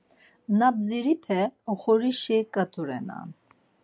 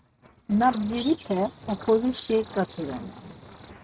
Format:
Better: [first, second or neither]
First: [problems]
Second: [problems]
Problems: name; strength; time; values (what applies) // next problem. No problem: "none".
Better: first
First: none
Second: noise reduction (neural mask model RNNoise)